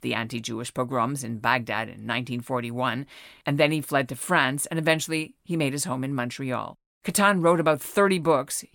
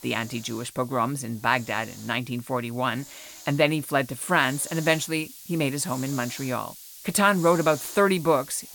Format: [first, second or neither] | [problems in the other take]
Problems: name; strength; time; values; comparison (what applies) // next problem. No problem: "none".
first | hiss; noticeable; throughout; 15 dB below the speech